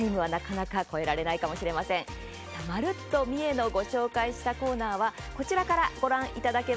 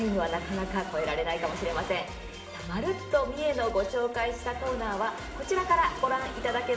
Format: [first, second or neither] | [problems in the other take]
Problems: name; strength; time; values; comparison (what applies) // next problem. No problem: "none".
first | background sound (Mechanisms); 14 dB below the speech // room echo; dies away in 1.4 s